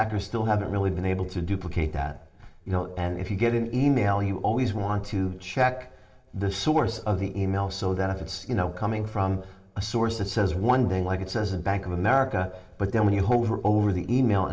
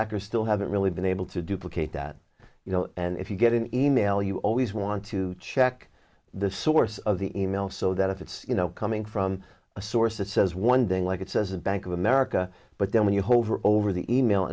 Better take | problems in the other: second | room echo; dies away in 0.9 s

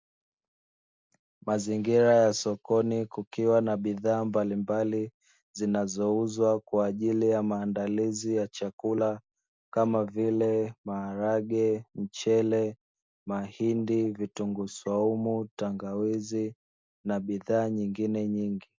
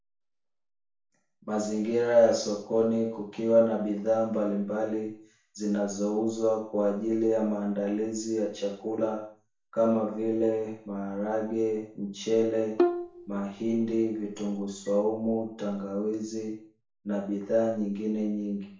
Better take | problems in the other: first | background sound (Bowed string instrument); 4 dB below the speech // room echo; dies away in 0.5 s

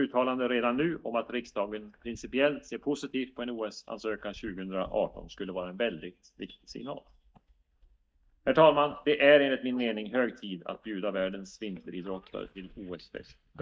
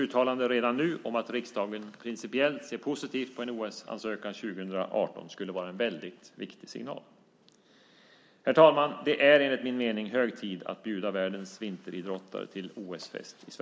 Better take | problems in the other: second | noise reduction (neural mask model DeepFilterNet 3)

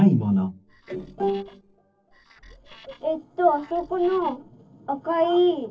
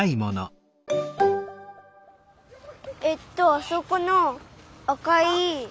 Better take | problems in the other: second | noise reduction (neural separator model SepFormer DNS4)

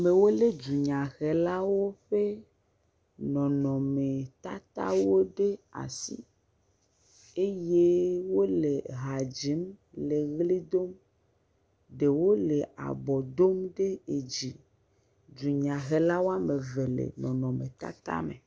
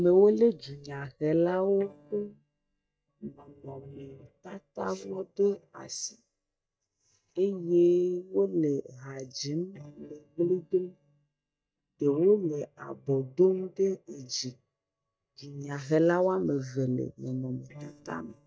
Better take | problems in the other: first | noise reduction (neural mask model DeepFilterNet 3)

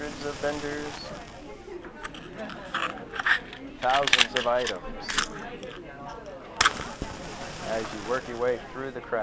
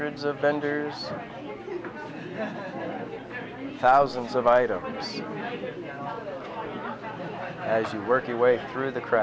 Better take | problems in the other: second | background sound (Fire); as loud as the speech

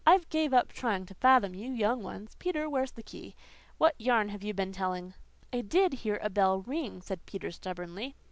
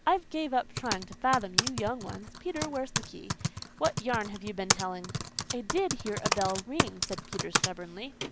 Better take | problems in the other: first | background sound (Typing); 1 dB below the speech

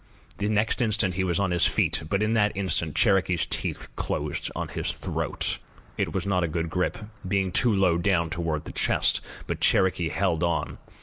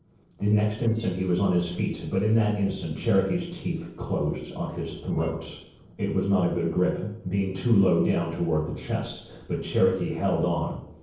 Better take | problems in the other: first | noise reduction (neural separator model SepFormer DNS4)

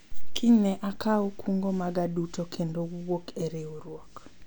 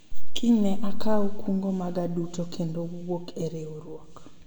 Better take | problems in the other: first | room echo; dies away in 1.2 s

